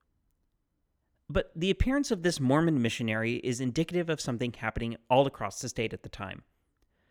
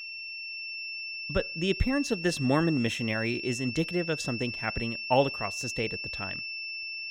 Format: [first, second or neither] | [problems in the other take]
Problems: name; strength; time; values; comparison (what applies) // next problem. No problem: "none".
first | high-pitched whine; loud; throughout; 2.5 kHz, 5 dB below the speech